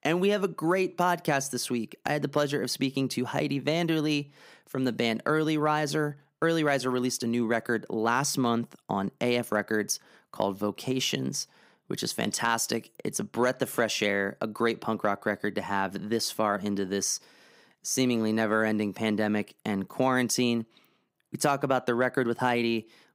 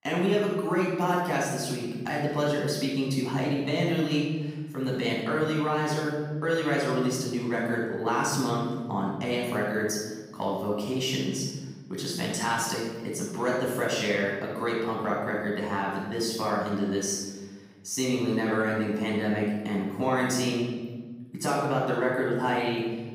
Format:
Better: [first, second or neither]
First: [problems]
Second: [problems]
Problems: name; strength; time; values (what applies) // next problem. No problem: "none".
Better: first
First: none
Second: off-mic speech; far // room echo; strong; dies away in 1.4 s